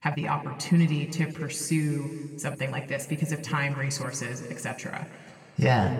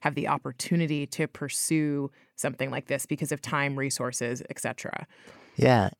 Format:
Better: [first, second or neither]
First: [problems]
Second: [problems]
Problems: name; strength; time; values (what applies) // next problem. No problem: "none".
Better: second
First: room echo; slight; dies away in 2.1 s // off-mic speech; somewhat distant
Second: none